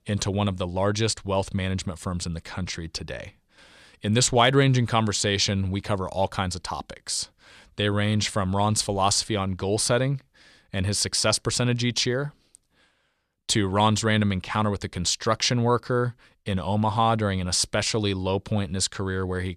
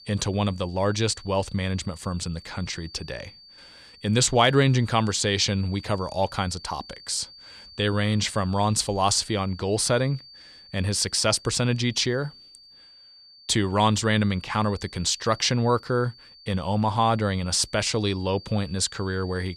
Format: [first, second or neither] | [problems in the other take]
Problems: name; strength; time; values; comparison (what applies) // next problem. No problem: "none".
first | high-pitched whine; faint; throughout; 4.5 kHz, 20 dB below the speech